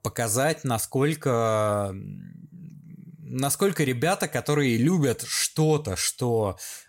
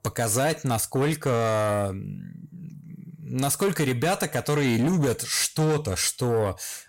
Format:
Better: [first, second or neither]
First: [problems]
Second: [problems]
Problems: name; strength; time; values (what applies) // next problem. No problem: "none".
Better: first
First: none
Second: distortion; slight; 10 dB below the speech